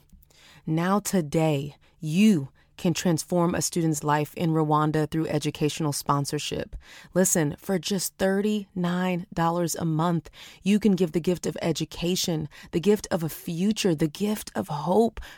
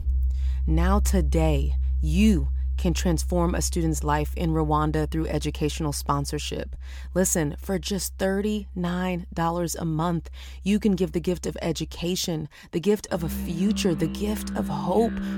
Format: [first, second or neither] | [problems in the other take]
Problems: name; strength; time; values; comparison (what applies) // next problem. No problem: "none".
first | background music; loud; throughout; 4 dB below the speech